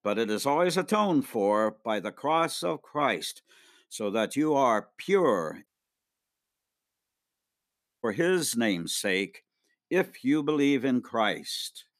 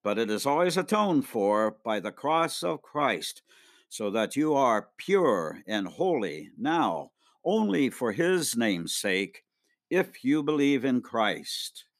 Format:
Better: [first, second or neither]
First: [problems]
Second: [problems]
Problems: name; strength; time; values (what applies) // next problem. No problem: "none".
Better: second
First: audio cutting out; at 5.5 s for 2.5 s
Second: none